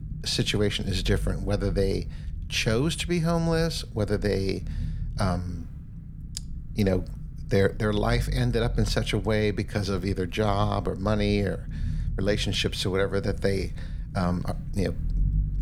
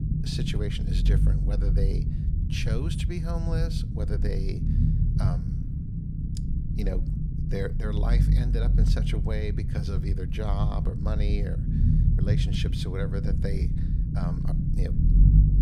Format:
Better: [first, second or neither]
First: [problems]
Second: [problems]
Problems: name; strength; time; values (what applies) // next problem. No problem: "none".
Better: first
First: low rumble; faint; throughout; 20 dB below the speech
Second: low rumble; loud; throughout; 2 dB below the speech